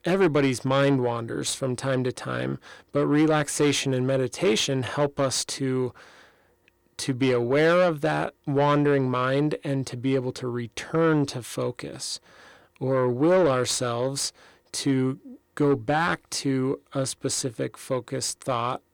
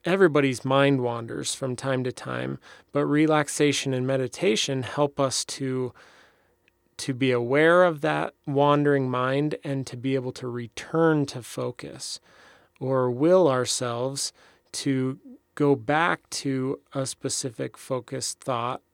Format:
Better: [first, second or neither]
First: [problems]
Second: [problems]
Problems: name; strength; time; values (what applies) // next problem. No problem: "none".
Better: second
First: distortion; slight; 10 dB below the speech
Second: none